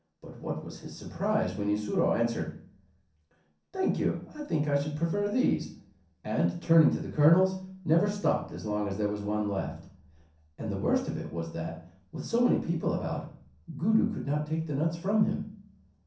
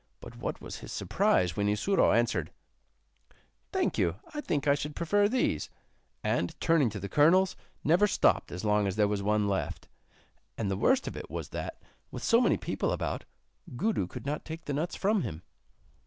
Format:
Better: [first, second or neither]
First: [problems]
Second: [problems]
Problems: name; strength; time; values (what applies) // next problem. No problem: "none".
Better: second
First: room echo; dies away in 0.6 s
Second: none